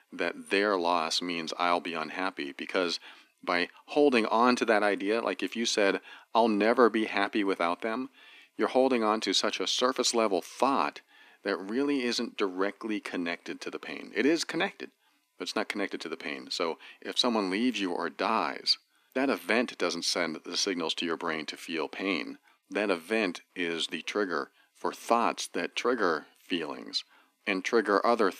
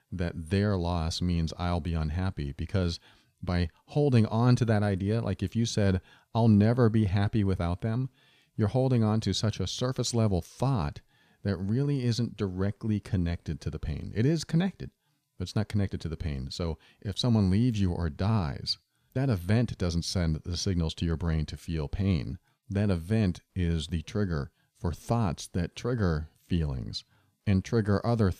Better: second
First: thin; very; fading below 250 Hz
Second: none

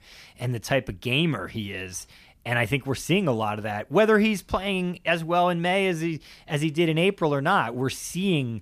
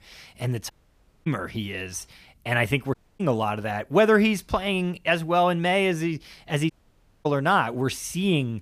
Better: first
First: none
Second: audio cutting out; at 0.5 s for 0.5 s, at 3 s and at 6.5 s for 0.5 s

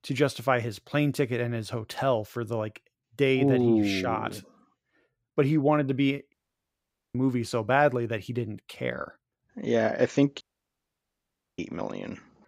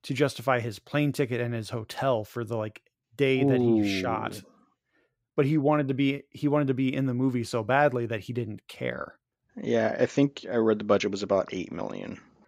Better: second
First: audio cutting out; at 6.5 s for 1 s and at 10 s for 1 s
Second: none

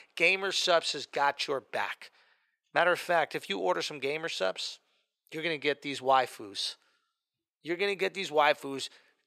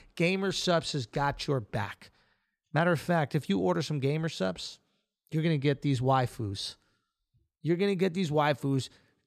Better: second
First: thin; very; fading below 550 Hz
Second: none

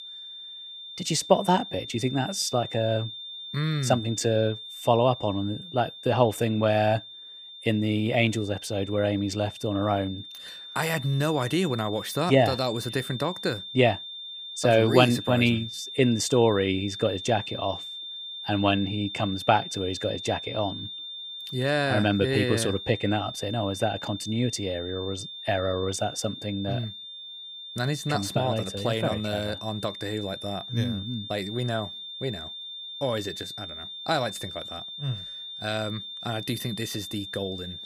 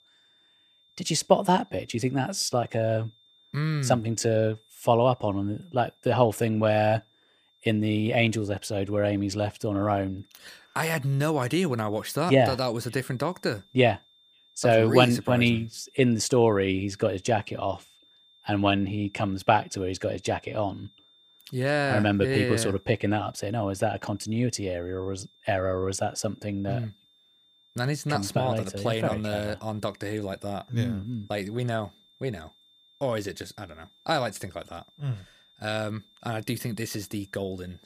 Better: second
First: high-pitched whine; loud; throughout; 3.5 kHz, 10 dB below the speech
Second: high-pitched whine; faint; throughout; 3.5 kHz, 30 dB below the speech

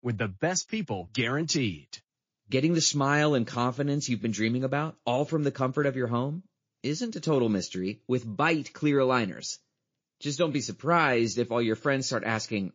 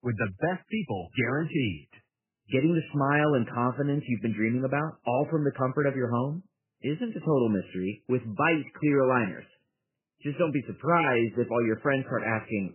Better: first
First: garbled, watery; slightly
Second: garbled, watery; badly; nothing above 3 kHz

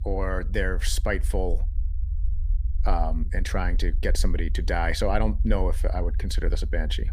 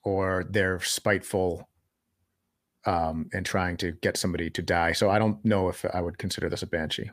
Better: second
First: low rumble; faint; throughout; 20 dB below the speech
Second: none

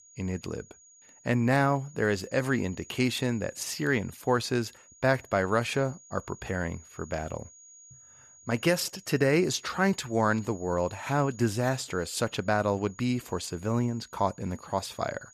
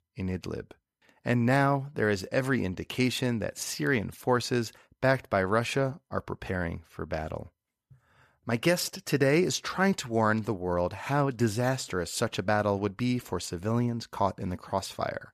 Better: second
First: high-pitched whine; faint; throughout; 6.5 kHz, 20 dB below the speech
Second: none

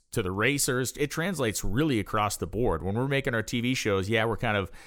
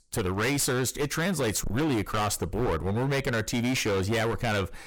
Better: first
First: none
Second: distortion; heavy; 28% of the sound clipped

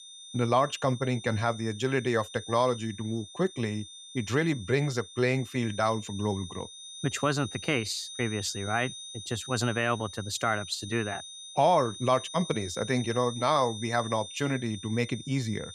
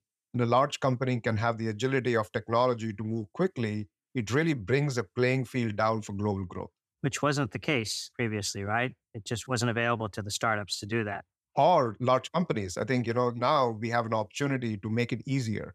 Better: second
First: high-pitched whine; noticeable; throughout; 3.5 kHz, 10 dB below the speech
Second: none

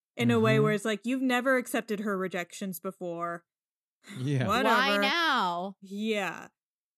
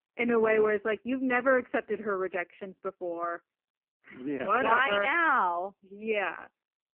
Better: first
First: none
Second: phone-call audio; poor line; nothing above 3 kHz

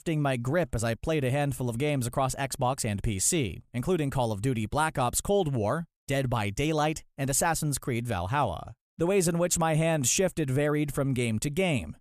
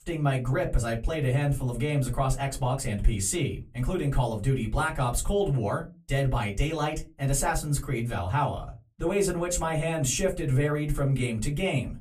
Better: first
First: none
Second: off-mic speech; far // room echo; very slight; dies away in 0.2 s

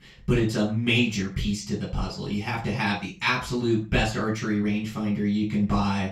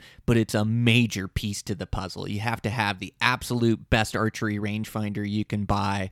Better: second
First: room echo; noticeable; dies away in 0.3 s // off-mic speech; far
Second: none

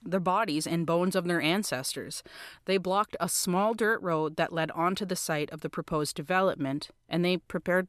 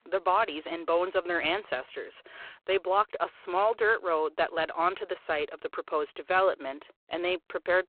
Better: first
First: none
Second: phone-call audio; poor line

